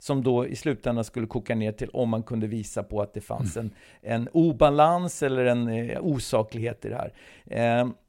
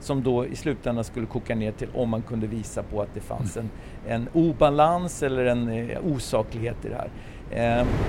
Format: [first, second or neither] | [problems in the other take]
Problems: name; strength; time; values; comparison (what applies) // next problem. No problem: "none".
first | wind noise on the microphone; occasional gusts; 20 dB below the speech